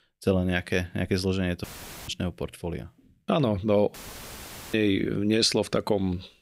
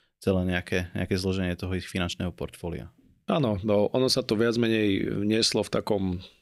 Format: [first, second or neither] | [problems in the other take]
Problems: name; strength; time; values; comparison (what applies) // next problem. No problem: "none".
second | audio cutting out; filled with static; at 1.5 s and at 4 s for 1 s